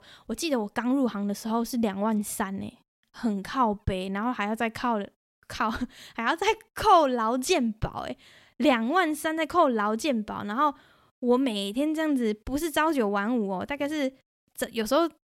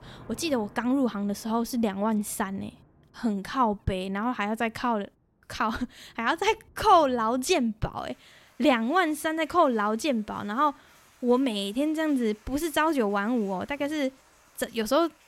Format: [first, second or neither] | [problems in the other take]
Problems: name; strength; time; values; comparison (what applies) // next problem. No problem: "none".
first | rain or running water; faint; throughout; 30 dB below the speech